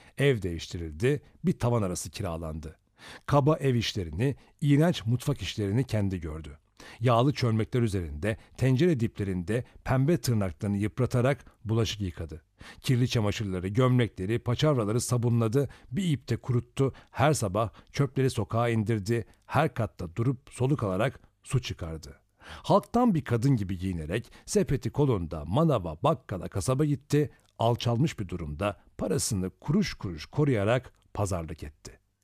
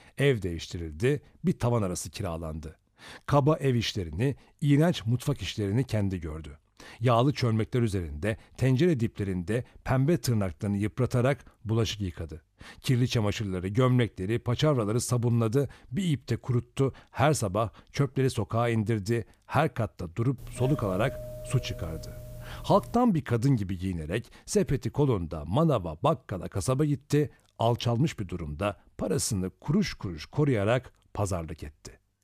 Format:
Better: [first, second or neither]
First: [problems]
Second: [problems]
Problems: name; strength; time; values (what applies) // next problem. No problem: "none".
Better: first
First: none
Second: doorbell; faint; from 20 to 23 s; peak 10 dB below the speech